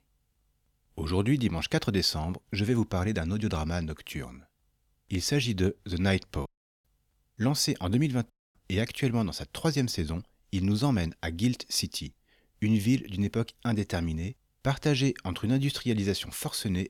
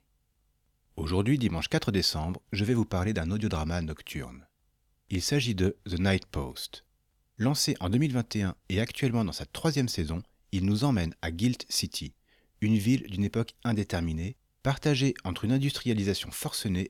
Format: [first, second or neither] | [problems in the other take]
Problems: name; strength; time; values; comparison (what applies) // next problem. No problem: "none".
second | audio cutting out; at 6.5 s and at 8.5 s